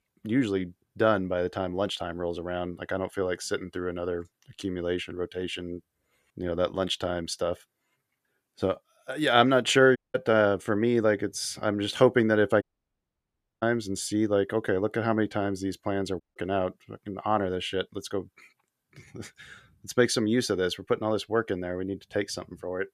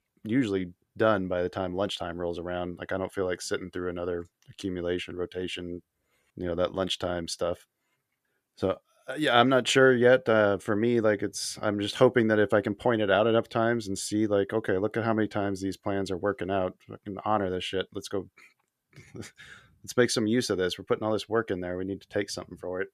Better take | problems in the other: second | audio cutting out; at 10 s, at 13 s for 1 s and at 16 s

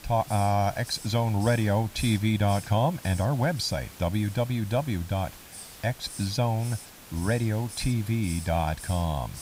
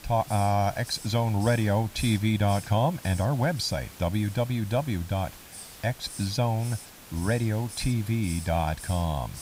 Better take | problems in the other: neither | hiss; noticeable; throughout; 15 dB below the speech; the same in both

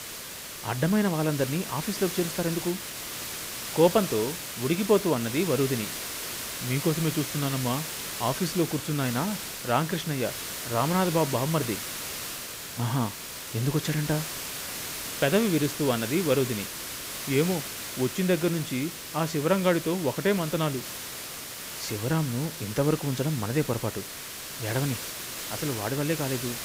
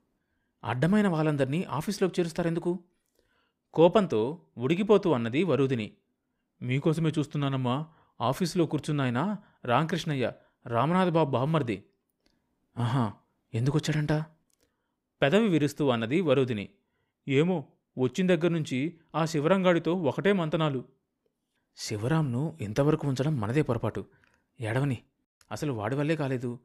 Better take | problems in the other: second | hiss; loud; throughout; 6 dB below the speech

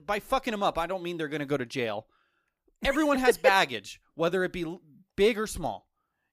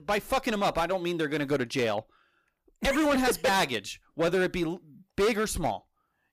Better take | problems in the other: first | distortion; heavy; 10% of the sound clipped

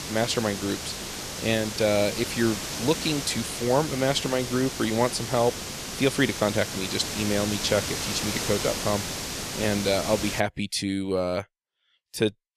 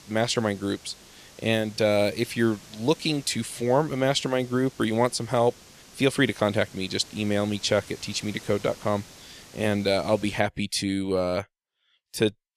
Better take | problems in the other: second | hiss; loud; until 10 s; 5 dB below the speech; faint in the second

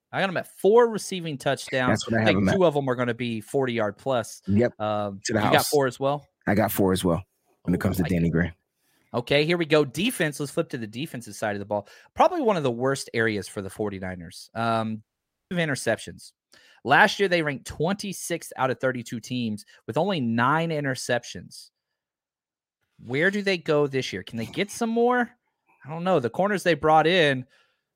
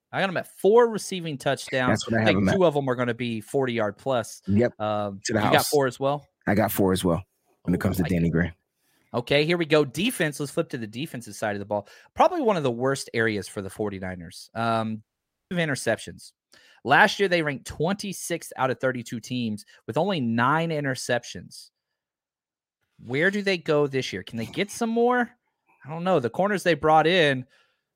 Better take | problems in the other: neither | audio cutting out; at 15 s; the same in both

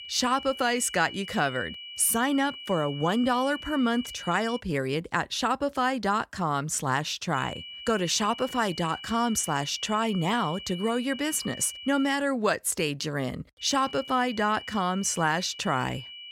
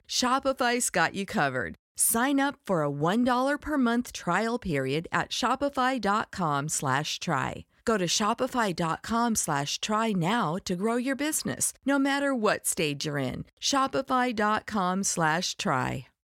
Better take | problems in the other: second | high-pitched whine; noticeable; until 4.5 s, from 7.5 to 12 s and from 14 s on; 3 kHz, 10 dB below the speech

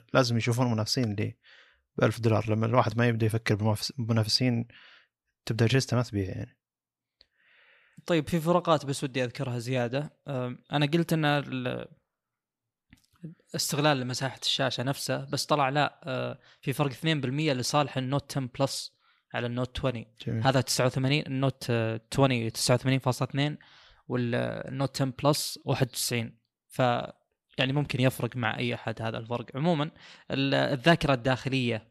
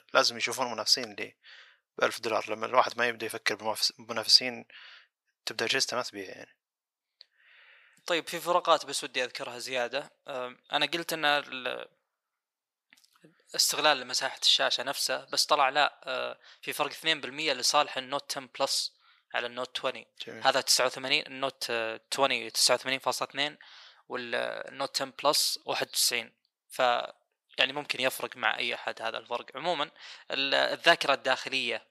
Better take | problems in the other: first | thin; very; fading below 650 Hz

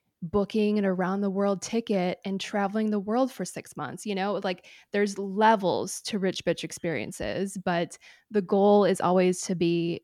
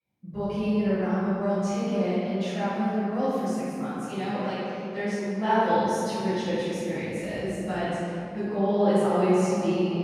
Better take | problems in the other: first | off-mic speech; far // room echo; strong; dies away in 3 s

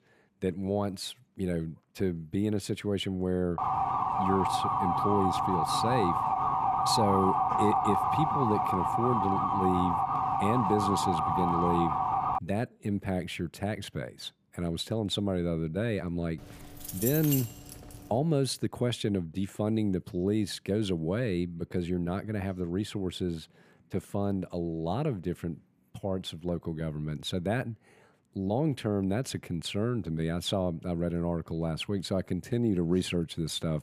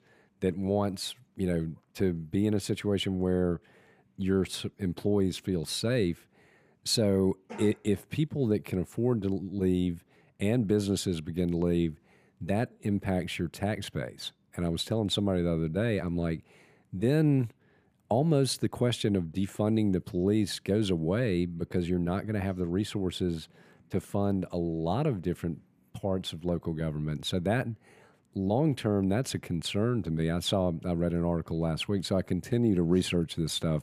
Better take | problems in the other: second | siren; loud; from 3.5 to 12 s; peak 5 dB above the speech // jangling keys; loud; from 16 to 18 s; peak level with the speech

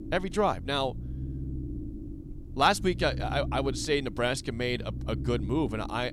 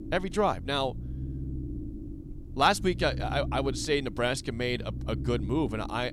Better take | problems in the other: neither | low rumble; noticeable; throughout; 20 dB below the speech; the same in both

